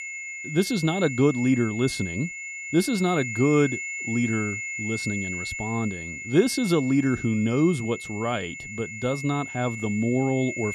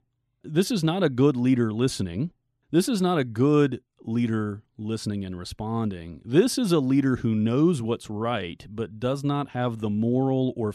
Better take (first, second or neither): second